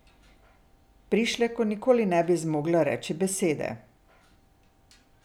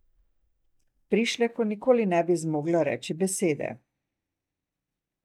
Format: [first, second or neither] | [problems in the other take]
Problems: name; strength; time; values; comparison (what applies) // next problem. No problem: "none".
first | noise reduction (neural mask model DeepFilterNet 3)